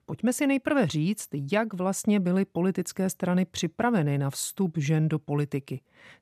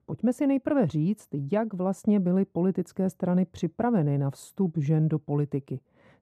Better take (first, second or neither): first